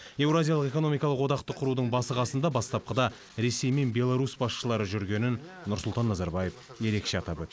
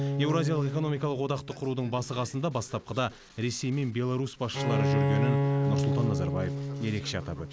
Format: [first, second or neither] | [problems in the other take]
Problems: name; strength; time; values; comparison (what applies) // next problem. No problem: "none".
first | background sound (Bowed string instrument); as loud as the speech